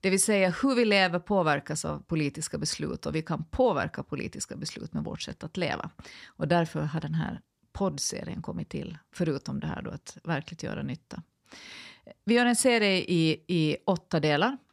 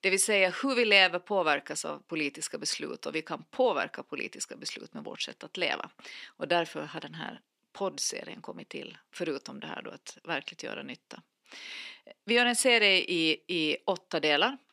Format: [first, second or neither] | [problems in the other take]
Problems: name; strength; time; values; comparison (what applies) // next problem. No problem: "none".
first | thin; somewhat; fading below 300 Hz